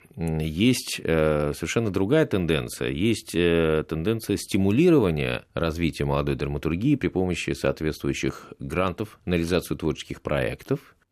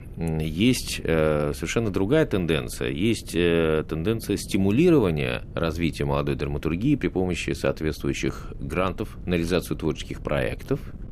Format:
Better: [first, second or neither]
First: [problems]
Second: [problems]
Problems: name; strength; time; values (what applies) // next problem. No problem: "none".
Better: first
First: none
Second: wind noise on the microphone; occasional gusts; 25 dB below the speech